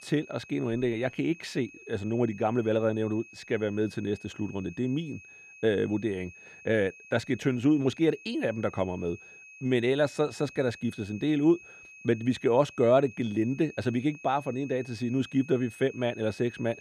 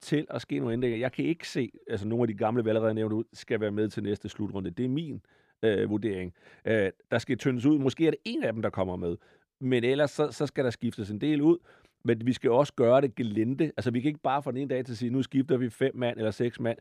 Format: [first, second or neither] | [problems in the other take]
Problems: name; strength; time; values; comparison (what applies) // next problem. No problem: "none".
second | high-pitched whine; noticeable; throughout; 2.5 kHz, 20 dB below the speech